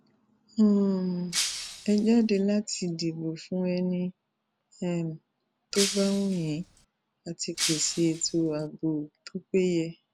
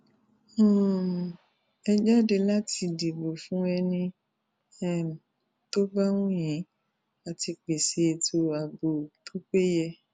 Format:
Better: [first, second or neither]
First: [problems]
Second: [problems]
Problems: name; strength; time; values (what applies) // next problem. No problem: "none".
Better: second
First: background sound (Shatter); 6 dB below the speech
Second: none